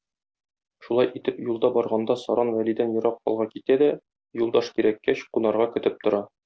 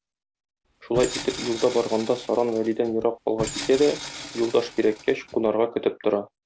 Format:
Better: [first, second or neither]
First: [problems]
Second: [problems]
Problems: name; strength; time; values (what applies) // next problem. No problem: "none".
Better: first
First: none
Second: background sound (Tools); 12 dB below the speech